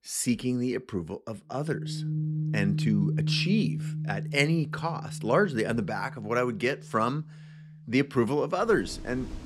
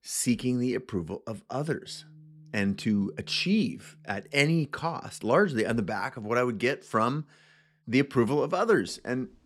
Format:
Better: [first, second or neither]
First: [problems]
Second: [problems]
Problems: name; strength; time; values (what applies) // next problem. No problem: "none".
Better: second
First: background music; loud; from 2 s on; 4 dB below the speech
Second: background music; faint; from 2 s on; 25 dB below the speech